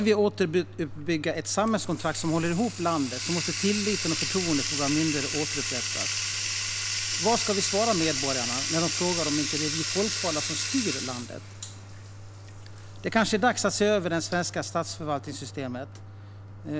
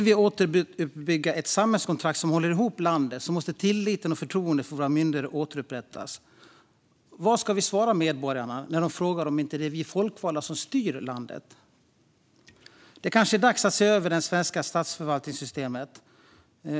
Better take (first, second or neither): second